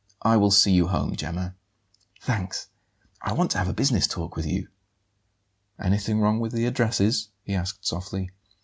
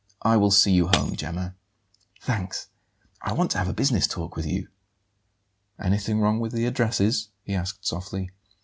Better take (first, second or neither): first